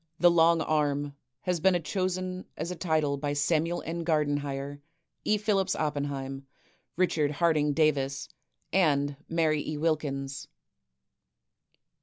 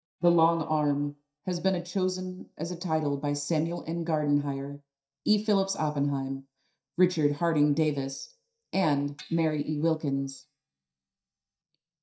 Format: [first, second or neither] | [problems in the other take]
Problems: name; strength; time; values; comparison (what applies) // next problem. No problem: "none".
first | noise reduction (neural mask model DeepFilterNet 3)